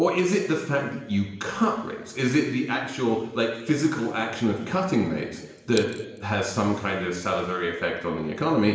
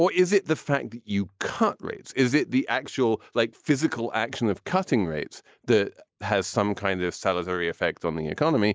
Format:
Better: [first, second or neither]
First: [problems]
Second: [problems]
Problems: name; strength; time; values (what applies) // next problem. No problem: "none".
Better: second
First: background sound (Coin (dropping)); 16 dB below the speech // room echo; dies away in 1.1 s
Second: none